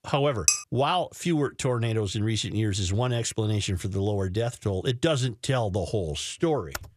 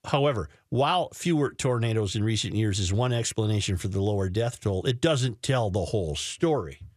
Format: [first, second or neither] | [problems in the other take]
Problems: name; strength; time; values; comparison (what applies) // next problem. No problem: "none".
second | clattering dishes; loud; at 0.5 s; peak 4 dB above the speech // keyboard typing; very faint; at 6.5 s; peak 10 dB below the speech